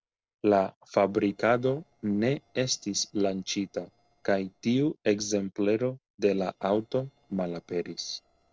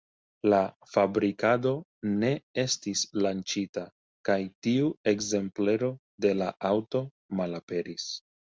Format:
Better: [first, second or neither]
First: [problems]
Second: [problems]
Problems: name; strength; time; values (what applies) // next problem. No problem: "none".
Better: second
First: noise reduction (neural separator model SepFormer DNS4)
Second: none